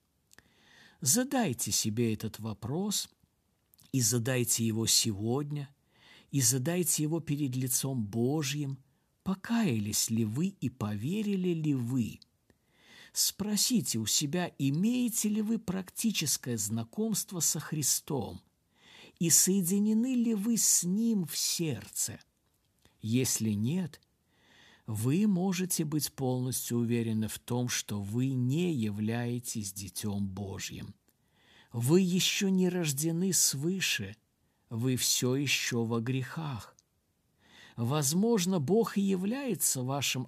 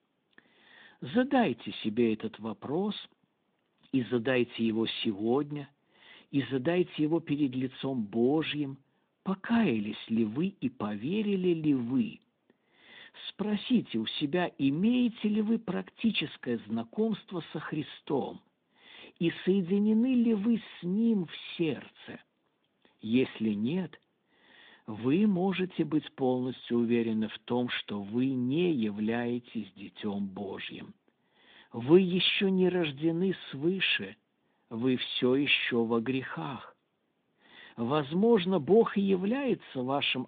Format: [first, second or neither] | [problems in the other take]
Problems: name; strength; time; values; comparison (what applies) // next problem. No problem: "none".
first | phone-call audio; nothing above 3.5 kHz